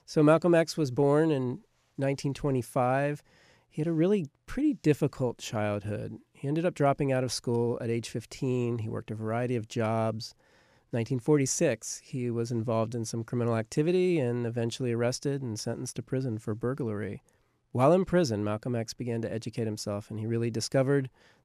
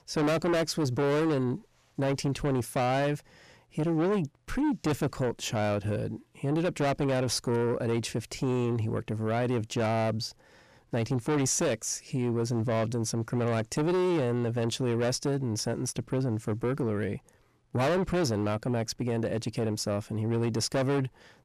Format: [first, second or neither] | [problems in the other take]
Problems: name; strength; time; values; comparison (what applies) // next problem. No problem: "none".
first | distortion; heavy; 7 dB below the speech